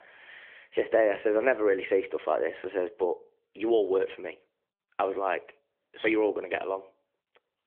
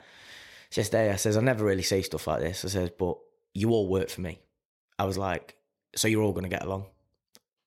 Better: second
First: phone-call audio; nothing above 3.5 kHz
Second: none

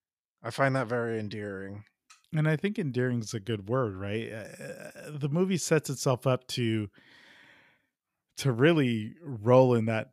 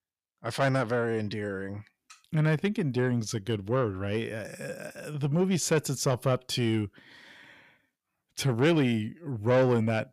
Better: first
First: none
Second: distortion; slight; 10 dB below the speech

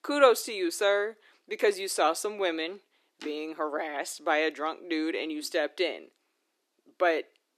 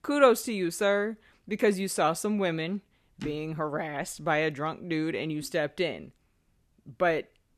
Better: second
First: thin; somewhat; fading below 300 Hz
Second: none

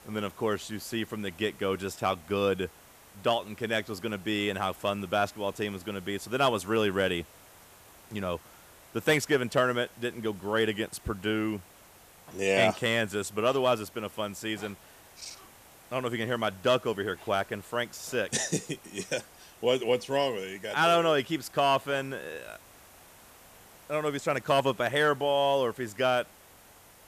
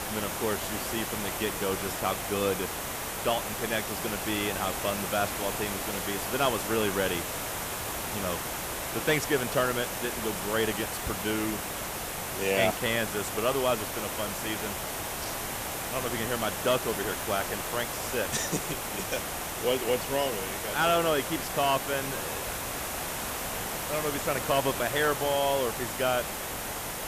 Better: first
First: hiss; faint; throughout; 25 dB below the speech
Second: hiss; loud; throughout; 2 dB below the speech

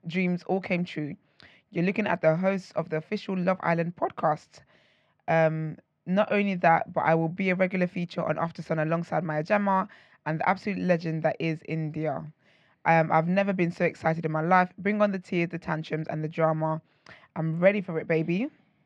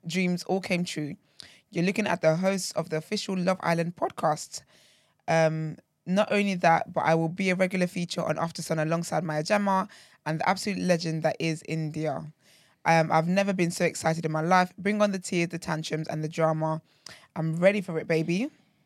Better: second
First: muffled; slightly; fading above 2 kHz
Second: none

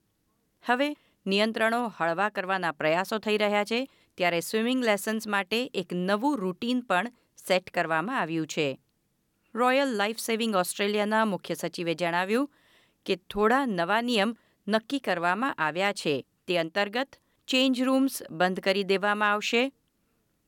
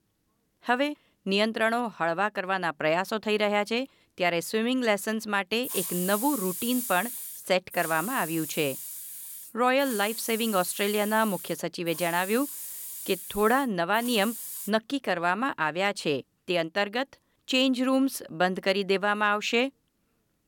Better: first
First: none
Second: hiss; loud; from 5.5 to 15 s; 8 dB below the speech

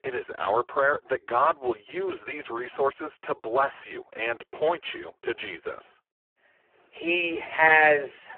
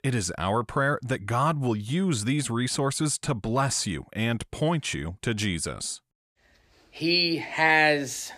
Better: second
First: phone-call audio; poor line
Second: none

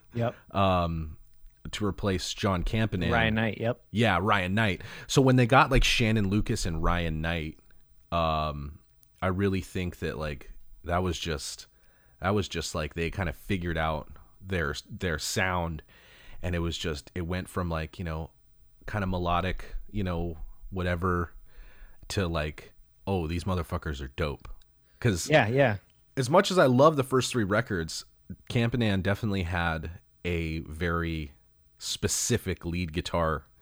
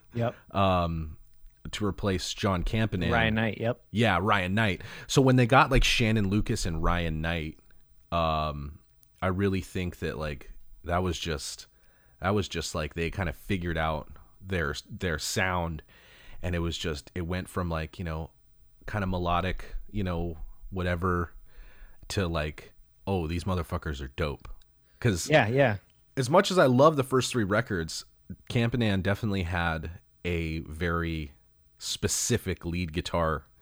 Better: neither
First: none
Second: none

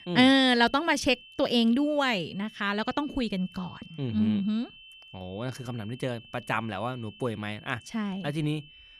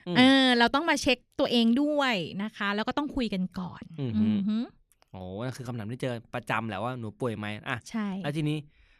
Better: second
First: high-pitched whine; faint; throughout; 3 kHz, 20 dB below the speech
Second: none

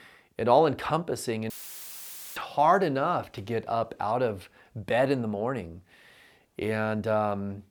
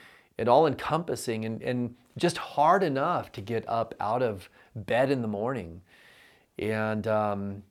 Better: second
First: audio cutting out; filled with static; at 1.5 s for 1 s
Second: none

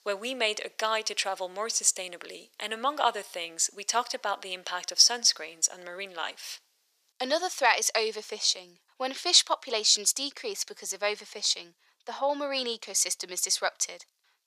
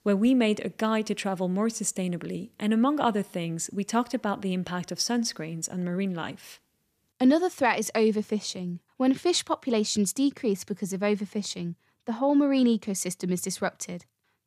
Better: second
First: thin; very; fading below 600 Hz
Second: none

